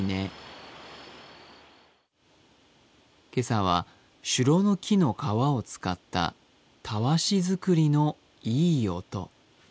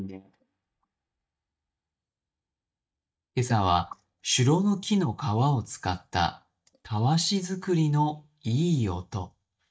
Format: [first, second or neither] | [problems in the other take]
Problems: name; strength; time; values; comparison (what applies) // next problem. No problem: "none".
first | noise reduction (neural mask model DeepFilterNet 3)